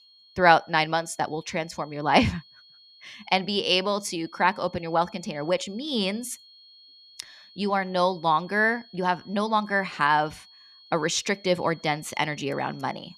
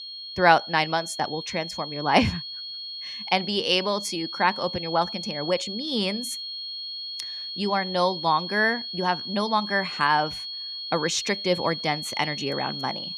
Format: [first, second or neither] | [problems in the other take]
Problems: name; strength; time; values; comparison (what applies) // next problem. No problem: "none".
first | high-pitched whine; loud; throughout; 4.5 kHz, 7 dB below the speech; faint in the first